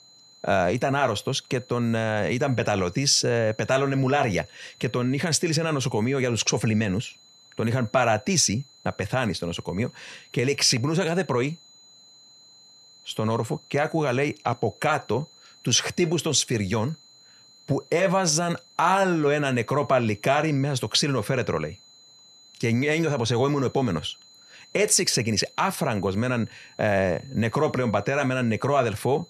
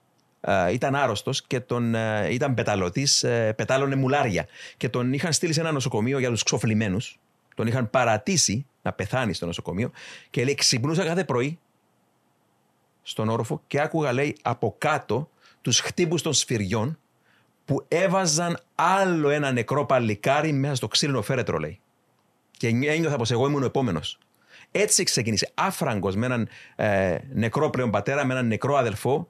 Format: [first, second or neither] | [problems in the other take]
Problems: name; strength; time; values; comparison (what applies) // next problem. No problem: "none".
second | high-pitched whine; faint; throughout; 4 kHz, 25 dB below the speech